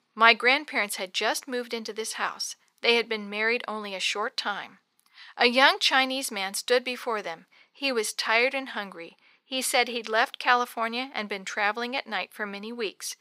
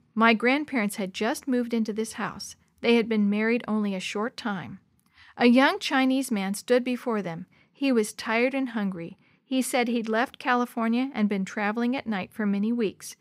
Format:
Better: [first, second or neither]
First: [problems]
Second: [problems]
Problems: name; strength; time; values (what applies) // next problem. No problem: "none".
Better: second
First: thin; somewhat; fading below 600 Hz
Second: none